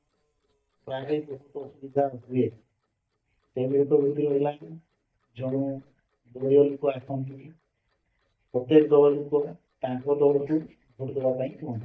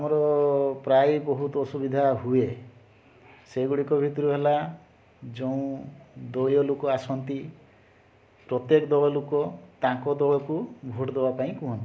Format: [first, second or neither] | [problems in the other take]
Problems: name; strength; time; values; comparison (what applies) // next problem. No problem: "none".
second | noise reduction (neural mask model DeepFilterNet 3)